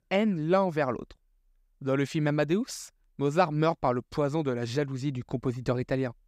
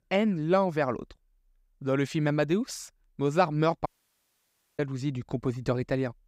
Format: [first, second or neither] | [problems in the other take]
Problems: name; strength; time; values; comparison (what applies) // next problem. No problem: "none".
first | audio cutting out; at 4 s for 1 s